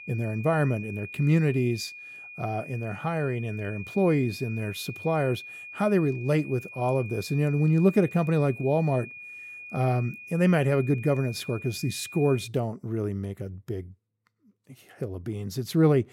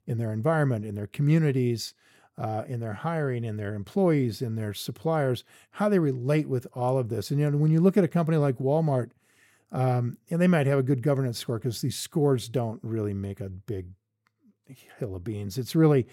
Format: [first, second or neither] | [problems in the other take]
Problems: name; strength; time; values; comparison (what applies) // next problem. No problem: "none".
second | high-pitched whine; noticeable; until 12 s; 2.5 kHz, 15 dB below the speech